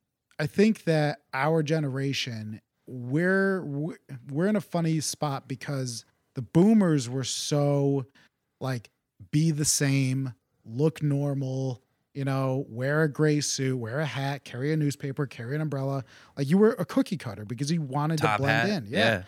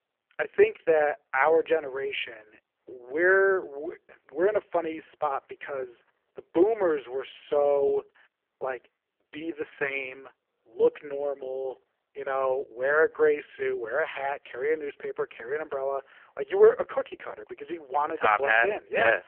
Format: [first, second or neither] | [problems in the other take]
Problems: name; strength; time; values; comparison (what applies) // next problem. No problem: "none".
first | phone-call audio; poor line